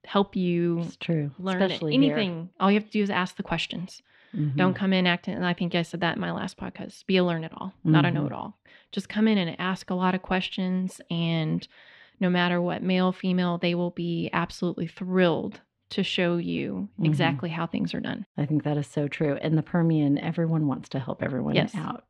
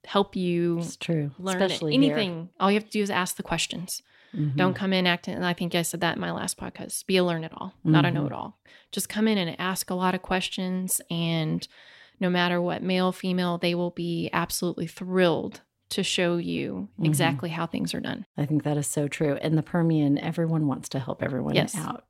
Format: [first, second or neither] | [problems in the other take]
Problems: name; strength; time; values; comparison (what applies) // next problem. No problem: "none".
second | muffled; very slightly; fading above 3 kHz